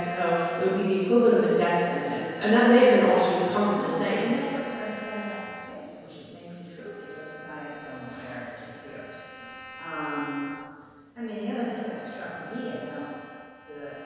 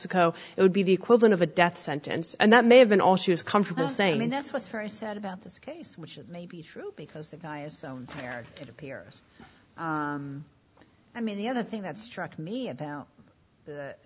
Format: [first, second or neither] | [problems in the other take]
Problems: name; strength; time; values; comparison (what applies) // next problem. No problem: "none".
second | background sound (Bowed string instrument); 19 dB below the speech // room echo; dies away in 1.9 s